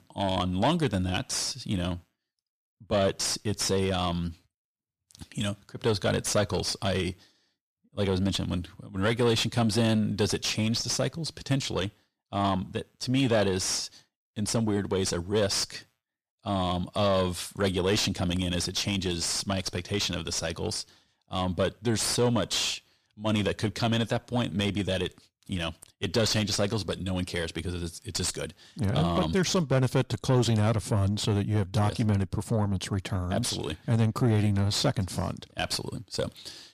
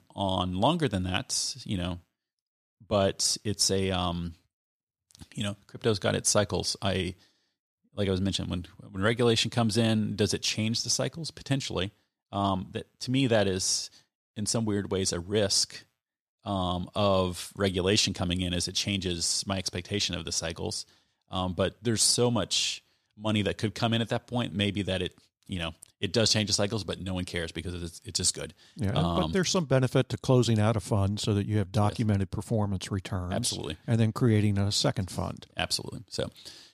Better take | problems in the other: second | distortion; slight; 9 dB below the speech

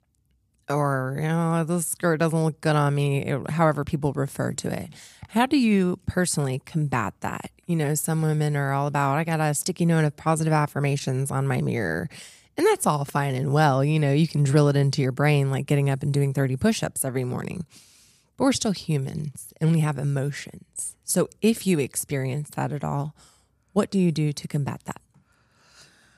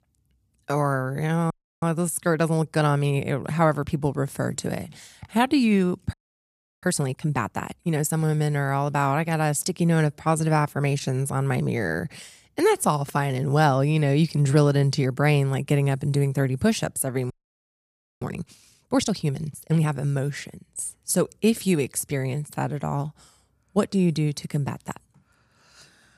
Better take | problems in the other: first | audio freezing; at 1.5 s, at 6 s for 0.5 s and at 17 s for 1 s

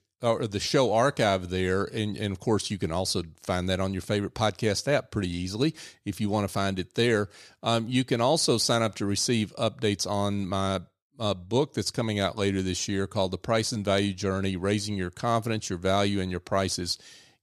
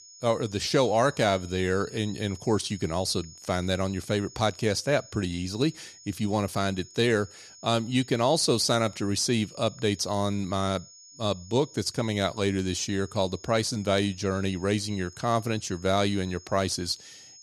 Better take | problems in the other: first | high-pitched whine; noticeable; throughout; 6.5 kHz, 20 dB below the speech

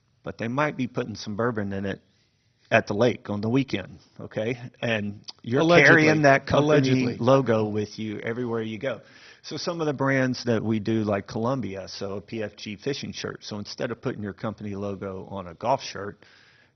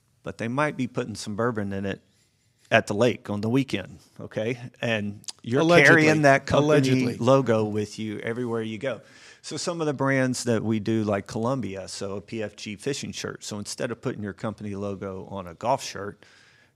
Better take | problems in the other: second | garbled, watery; badly; nothing above 6 kHz

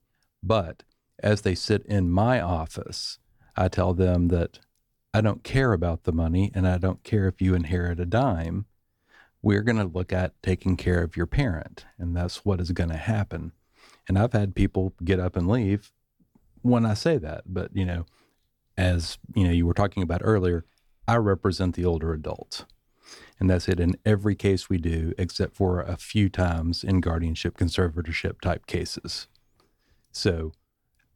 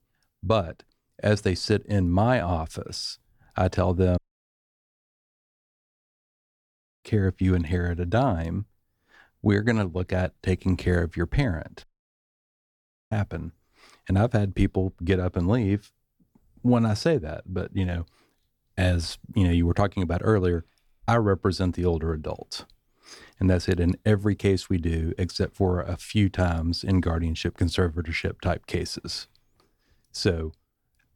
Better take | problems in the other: first | audio cutting out; at 4 s for 3 s and at 12 s for 1.5 s

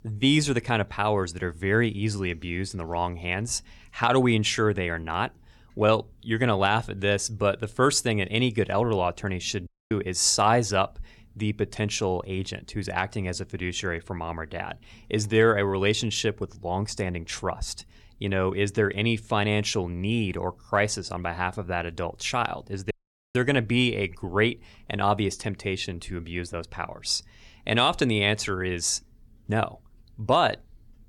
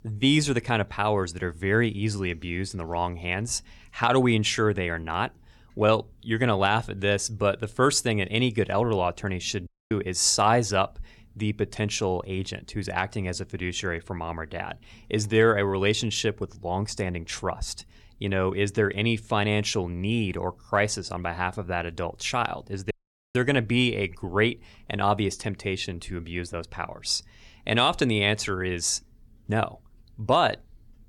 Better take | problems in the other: neither | audio cutting out; at 9.5 s and at 23 s; the same in both

